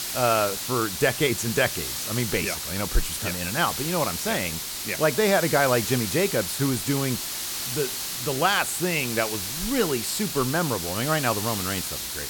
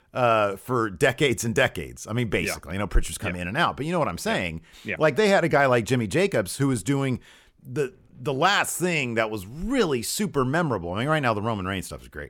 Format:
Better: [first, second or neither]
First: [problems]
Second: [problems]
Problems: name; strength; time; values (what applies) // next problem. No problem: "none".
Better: second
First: hiss; loud; throughout; 3 dB below the speech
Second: none